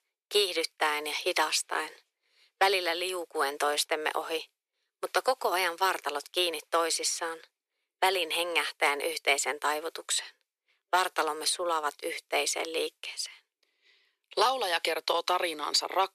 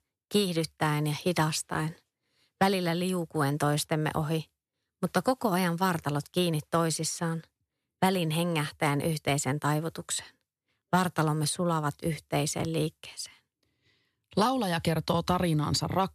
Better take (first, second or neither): second